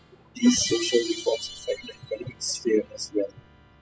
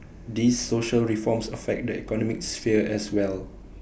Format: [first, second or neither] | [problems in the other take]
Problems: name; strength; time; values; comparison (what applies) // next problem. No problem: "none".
second | noise reduction (classical method spectral subtraction)